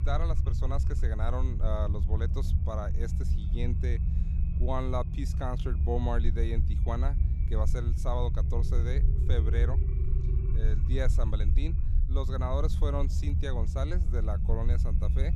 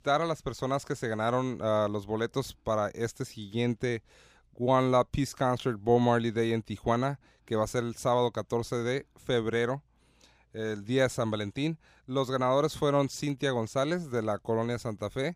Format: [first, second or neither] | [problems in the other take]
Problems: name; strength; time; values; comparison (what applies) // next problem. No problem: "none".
second | low rumble; loud; throughout; 8 dB below the speech